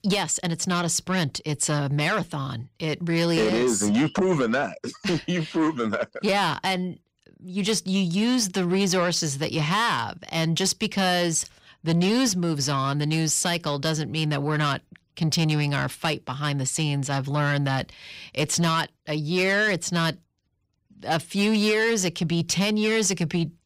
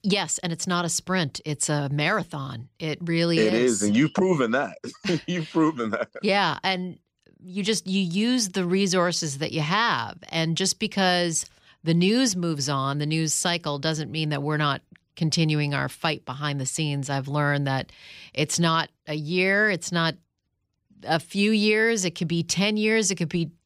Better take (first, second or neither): second